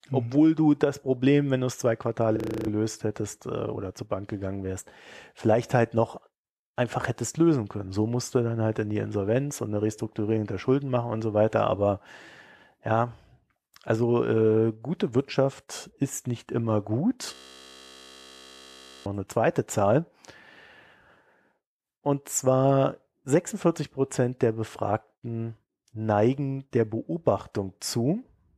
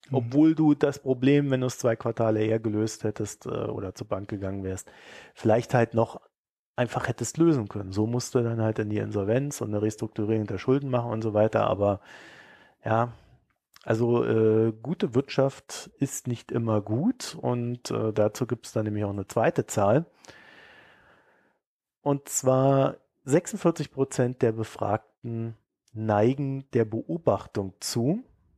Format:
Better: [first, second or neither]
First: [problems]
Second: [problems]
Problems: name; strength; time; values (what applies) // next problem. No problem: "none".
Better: second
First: audio freezing; at 2.5 s and at 17 s for 1.5 s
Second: none